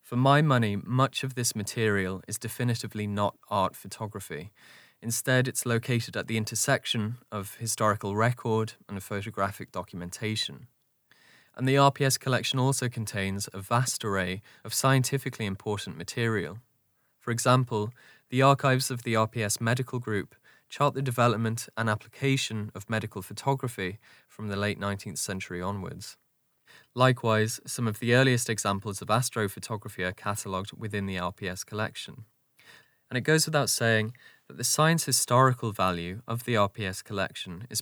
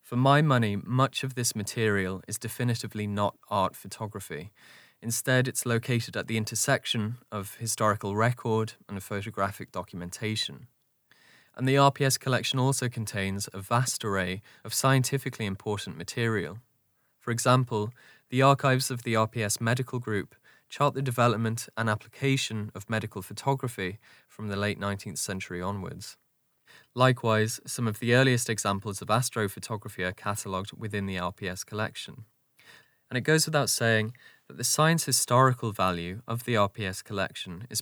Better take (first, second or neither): neither